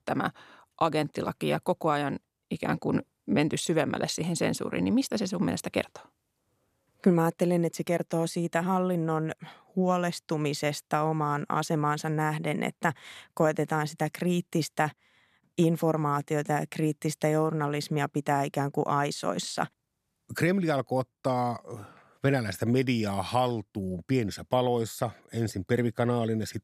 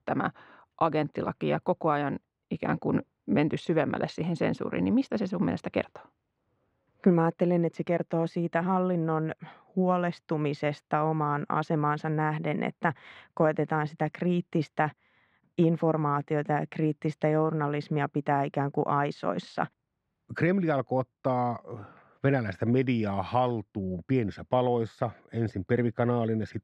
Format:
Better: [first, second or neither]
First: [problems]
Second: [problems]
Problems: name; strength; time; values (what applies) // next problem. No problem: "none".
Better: first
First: none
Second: muffled; slightly; fading above 2.5 kHz